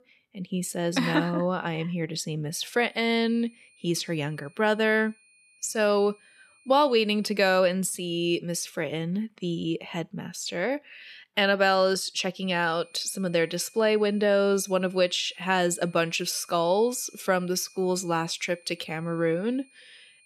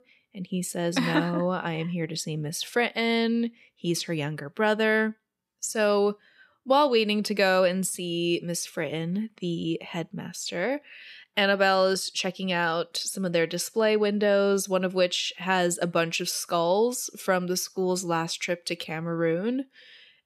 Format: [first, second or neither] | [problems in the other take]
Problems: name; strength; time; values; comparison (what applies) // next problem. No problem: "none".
second | high-pitched whine; faint; from 2.5 to 7.5 s and from 12 s on; 2.5 kHz, 30 dB below the speech